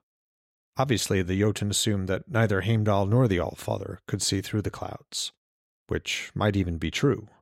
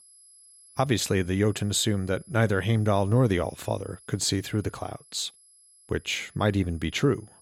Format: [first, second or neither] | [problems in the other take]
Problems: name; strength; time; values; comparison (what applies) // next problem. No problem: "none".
first | high-pitched whine; faint; throughout; 11 kHz, 25 dB below the speech